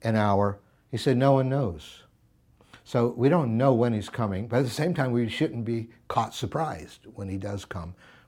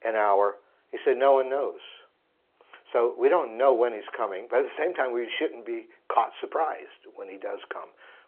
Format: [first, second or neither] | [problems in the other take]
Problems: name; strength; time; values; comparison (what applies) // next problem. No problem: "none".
first | phone-call audio